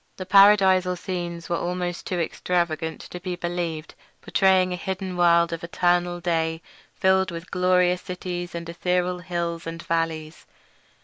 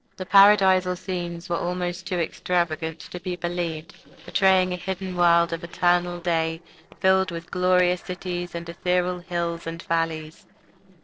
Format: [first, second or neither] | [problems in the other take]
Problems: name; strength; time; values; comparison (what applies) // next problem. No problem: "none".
first | noise reduction (neural separator model SepFormer DNS4)